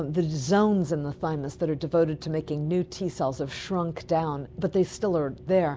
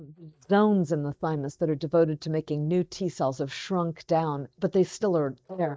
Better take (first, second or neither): first